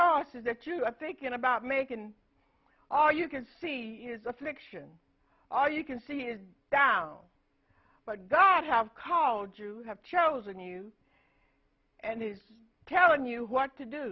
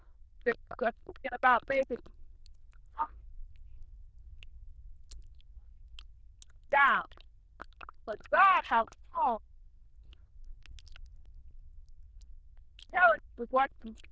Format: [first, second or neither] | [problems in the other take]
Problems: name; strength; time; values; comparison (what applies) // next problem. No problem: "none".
first | noise reduction (neural diffusion model UNIVERSE++)